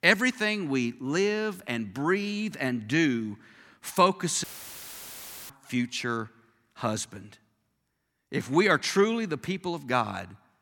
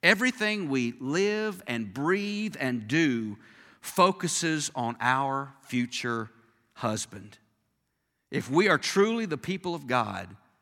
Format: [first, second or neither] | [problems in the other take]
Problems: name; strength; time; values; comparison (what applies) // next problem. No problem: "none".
second | audio cutting out; filled with static; at 4.5 s for 1 s